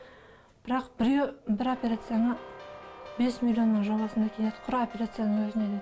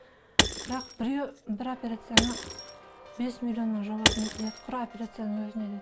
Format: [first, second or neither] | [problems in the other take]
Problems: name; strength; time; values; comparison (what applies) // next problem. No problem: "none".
first | background sound (Shatter / Crushing); 2 dB above the speech